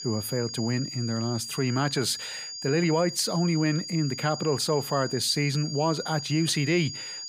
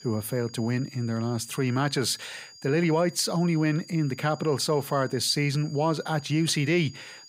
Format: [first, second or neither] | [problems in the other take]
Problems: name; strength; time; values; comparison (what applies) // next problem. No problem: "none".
second | high-pitched whine; loud; throughout; 5 kHz, 8 dB below the speech; faint in the second